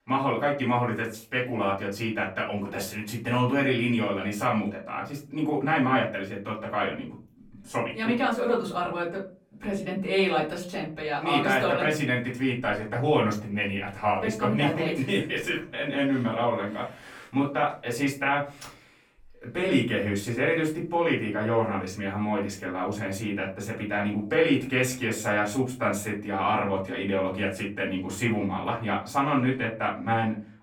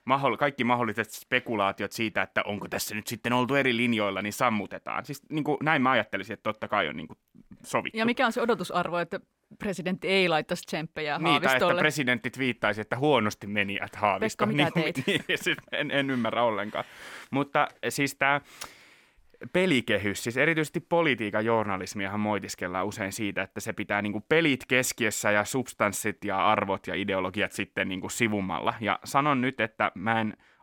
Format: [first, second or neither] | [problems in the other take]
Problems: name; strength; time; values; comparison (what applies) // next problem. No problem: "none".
second | room echo; slight; dies away in 0.4 s // off-mic speech; far